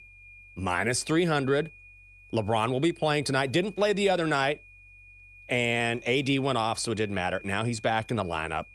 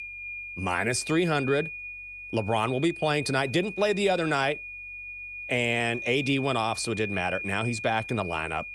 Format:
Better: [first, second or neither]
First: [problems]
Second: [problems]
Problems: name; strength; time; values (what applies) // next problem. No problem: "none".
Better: first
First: high-pitched whine; faint; throughout; 2.5 kHz, 20 dB below the speech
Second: high-pitched whine; loud; throughout; 2.5 kHz, 9 dB below the speech